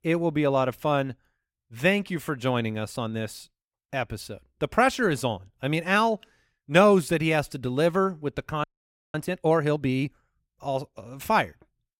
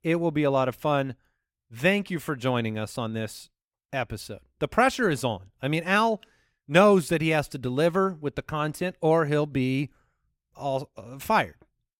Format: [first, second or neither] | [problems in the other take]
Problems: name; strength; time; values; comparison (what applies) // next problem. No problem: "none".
second | audio freezing; at 8.5 s for 0.5 s